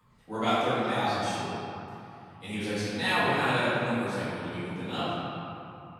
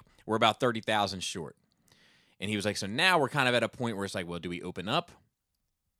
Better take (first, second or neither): second